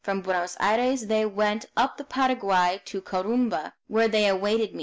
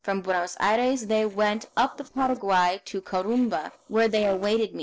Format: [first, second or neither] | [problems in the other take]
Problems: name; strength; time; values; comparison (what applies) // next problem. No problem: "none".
first | noise reduction (neural separator model SepFormer DNS4)